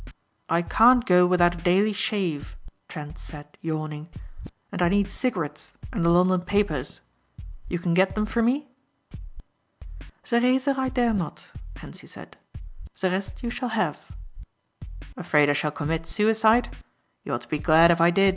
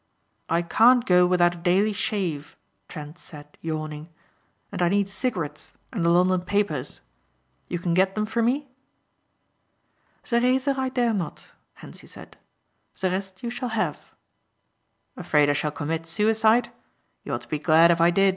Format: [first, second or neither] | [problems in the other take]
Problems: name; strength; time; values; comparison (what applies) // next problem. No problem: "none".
second | background sound (Scratching (performance technique)); 14 dB below the speech